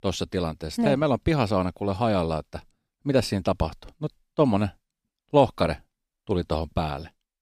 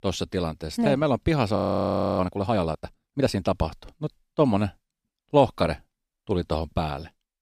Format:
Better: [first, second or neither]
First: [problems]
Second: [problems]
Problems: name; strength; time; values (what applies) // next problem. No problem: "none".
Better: first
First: none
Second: audio freezing; at 1.5 s for 0.5 s